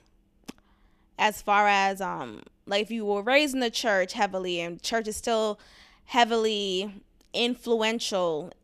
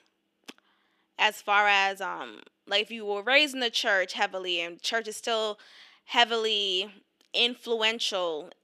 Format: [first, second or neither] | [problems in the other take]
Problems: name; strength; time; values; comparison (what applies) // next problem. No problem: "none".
first | thin; very slightly; fading below 350 Hz